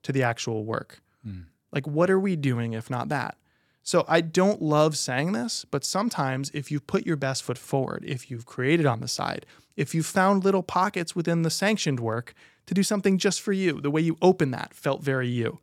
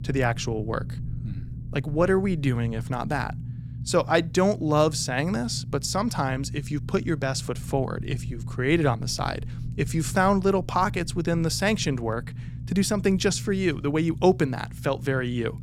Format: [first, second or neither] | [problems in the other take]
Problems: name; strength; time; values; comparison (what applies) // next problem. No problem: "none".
first | low rumble; faint; throughout; 20 dB below the speech